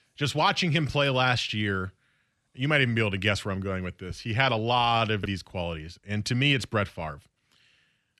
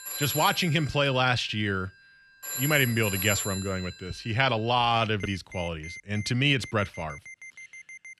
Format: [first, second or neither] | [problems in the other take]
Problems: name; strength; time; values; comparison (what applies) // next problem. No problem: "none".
first | alarms or sirens; loud; throughout; 9 dB below the speech